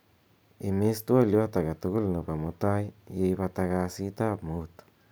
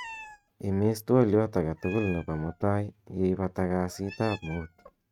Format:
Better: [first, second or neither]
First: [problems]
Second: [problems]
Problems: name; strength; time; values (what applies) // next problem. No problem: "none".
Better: first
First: none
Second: noise reduction (neural mask model RNNoise)